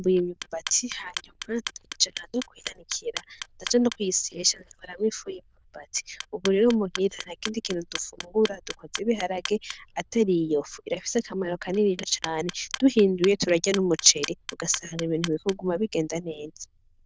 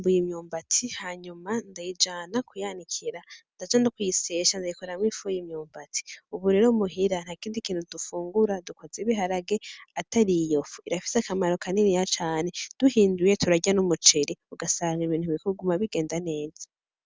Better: second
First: noise reduction (neural diffusion model UNIVERSE++)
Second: none

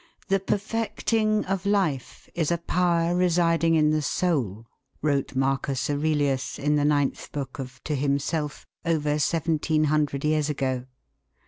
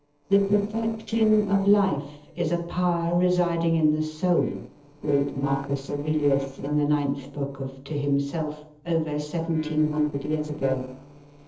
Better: first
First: none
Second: noise reduction (neural separator model SepFormer DNS4)

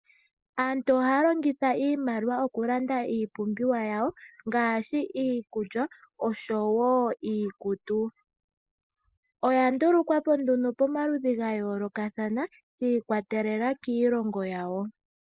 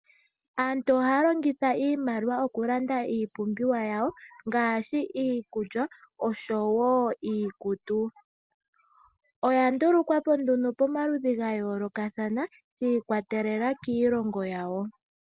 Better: second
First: noise reduction (neural mask model Resemble Enhance denoiser)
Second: none

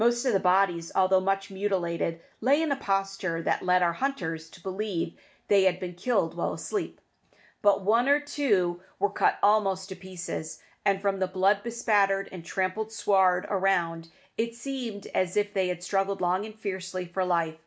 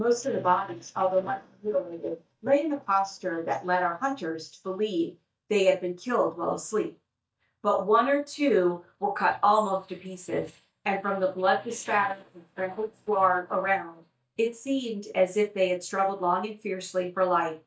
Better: first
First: none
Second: noise reduction (neural mask model DeepFilterNet 3)

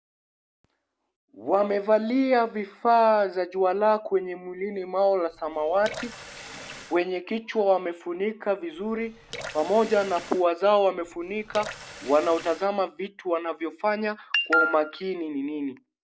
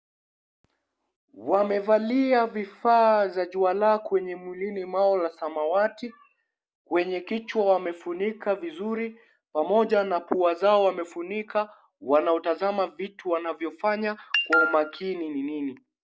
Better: second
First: background sound (Water tap, faucet / Water); 15 dB below the speech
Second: none

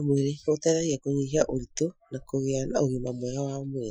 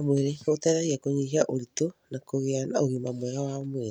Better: second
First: noise reduction (classical method Wiener filter)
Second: none

